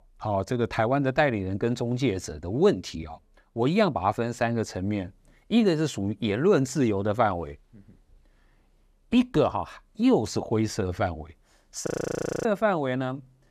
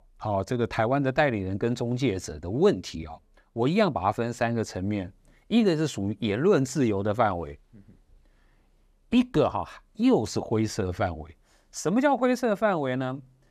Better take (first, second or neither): second